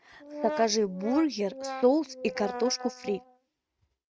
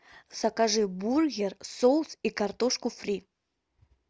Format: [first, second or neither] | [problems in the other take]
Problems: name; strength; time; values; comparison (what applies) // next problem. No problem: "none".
second | noise reduction (neural mask model RNNoise)